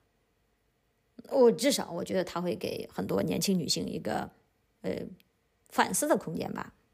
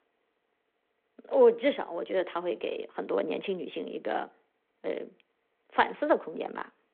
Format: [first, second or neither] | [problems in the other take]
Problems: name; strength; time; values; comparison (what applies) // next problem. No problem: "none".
first | phone-call audio